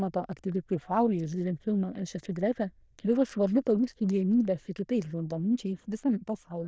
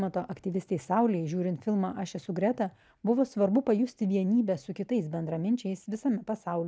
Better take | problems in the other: second | noise reduction (neural diffusion model UNIVERSE++)

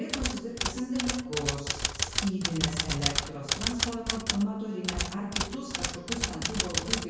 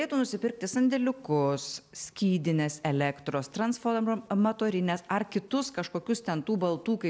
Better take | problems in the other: second | background sound (Typewriter); 1 dB above the speech // room echo; dies away in 1 s

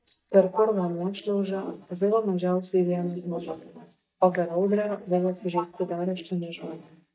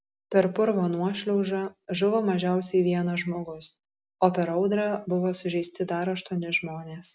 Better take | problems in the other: second | noise reduction (neural mask model DeepFilterNet 3)

